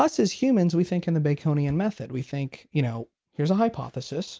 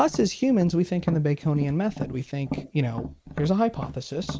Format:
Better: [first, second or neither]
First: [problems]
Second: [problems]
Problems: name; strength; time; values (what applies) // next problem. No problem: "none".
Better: first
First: none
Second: noise reduction (neural mask model Resemble Enhance denoiser)